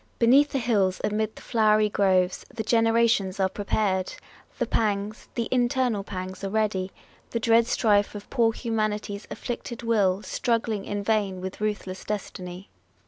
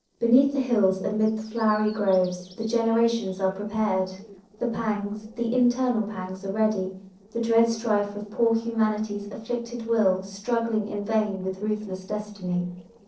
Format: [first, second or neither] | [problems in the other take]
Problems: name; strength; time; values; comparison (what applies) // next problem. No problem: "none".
first | noise reduction (neural separator model SepFormer DNS4)